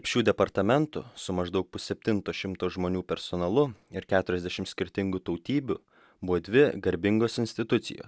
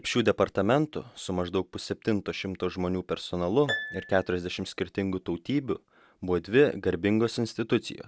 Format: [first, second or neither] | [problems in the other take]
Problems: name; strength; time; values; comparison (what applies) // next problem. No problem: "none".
first | background sound (Harp); 14 dB below the speech